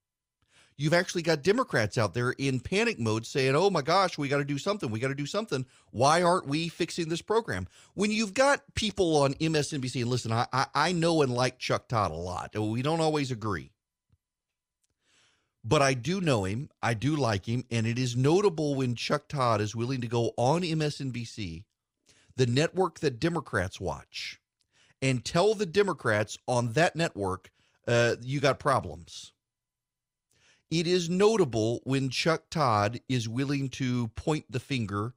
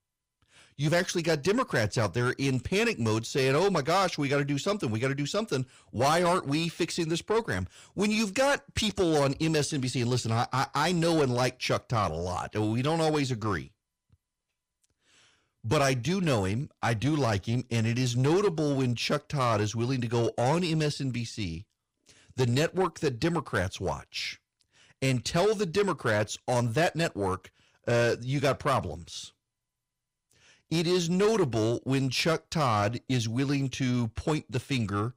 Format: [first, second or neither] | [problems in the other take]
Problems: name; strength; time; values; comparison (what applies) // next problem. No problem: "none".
first | distortion; slight; 10 dB below the speech